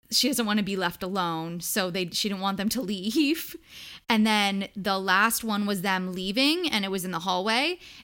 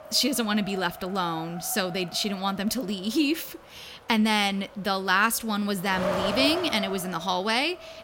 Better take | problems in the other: first | wind noise on the microphone; heavy; 8 dB below the speech

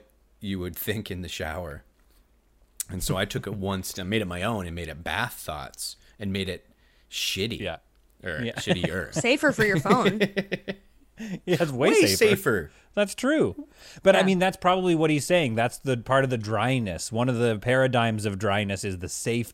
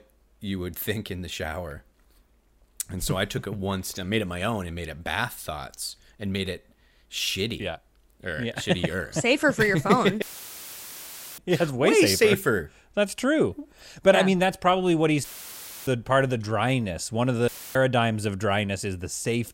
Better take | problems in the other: first | audio cutting out; filled with static; at 10 s for 1 s, at 15 s for 0.5 s and at 17 s

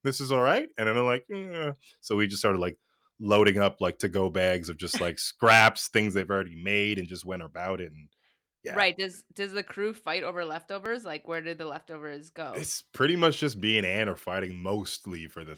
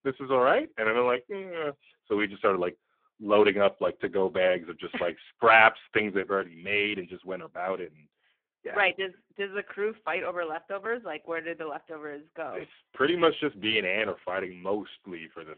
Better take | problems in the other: first | phone-call audio; poor line

